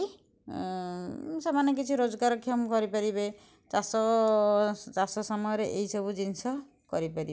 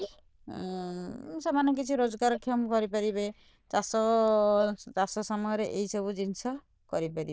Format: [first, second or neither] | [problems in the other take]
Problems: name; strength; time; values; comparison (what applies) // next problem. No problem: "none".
first | noise reduction (neural diffusion model UNIVERSE++)